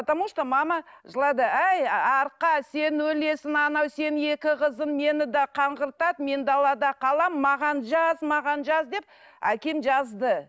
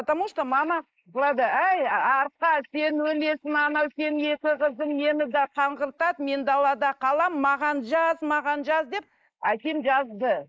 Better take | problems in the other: first | noise reduction (neural mask model Resemble Enhance denoiser)

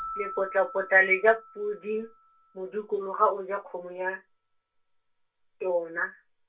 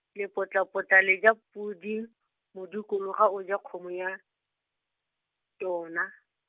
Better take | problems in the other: second | background sound (Keyboard (musical)); 16 dB below the speech // room echo; dies away in 0.2 s

